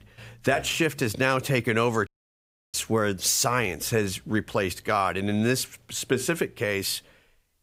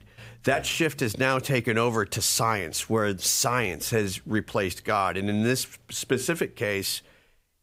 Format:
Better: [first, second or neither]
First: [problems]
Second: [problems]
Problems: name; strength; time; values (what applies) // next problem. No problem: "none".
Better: second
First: audio cutting out; at 2 s for 0.5 s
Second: none